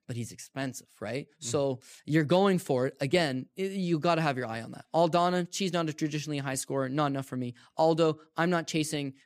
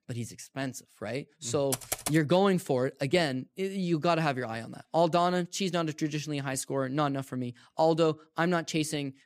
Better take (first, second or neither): first